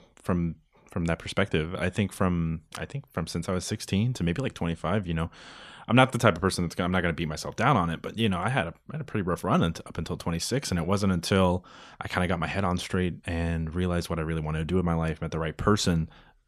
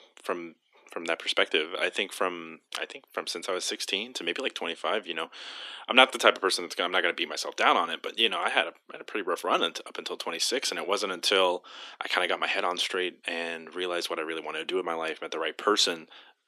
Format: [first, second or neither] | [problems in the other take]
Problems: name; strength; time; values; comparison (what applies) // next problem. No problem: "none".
first | thin; very; fading below 300 Hz